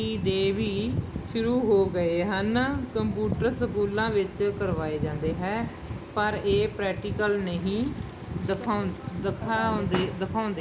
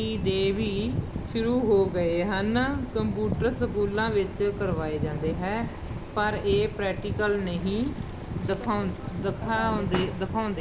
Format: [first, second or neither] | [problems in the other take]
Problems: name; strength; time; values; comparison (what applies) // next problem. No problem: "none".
first | background sound (Boat, Water vehicle); 13 dB below the speech